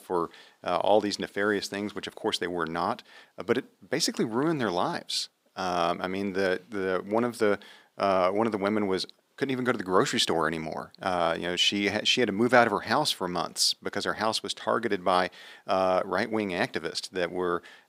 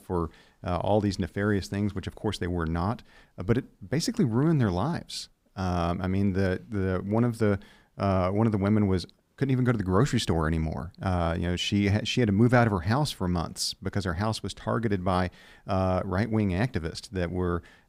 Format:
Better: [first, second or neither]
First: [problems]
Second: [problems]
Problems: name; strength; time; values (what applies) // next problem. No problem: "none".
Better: second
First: thin; somewhat; fading below 350 Hz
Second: none